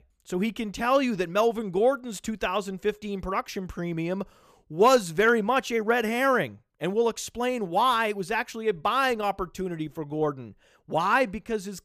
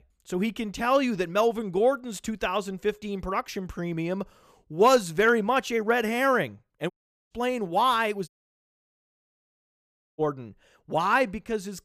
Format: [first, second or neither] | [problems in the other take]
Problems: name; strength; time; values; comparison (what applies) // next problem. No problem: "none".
first | audio cutting out; at 7 s and at 8.5 s for 2 s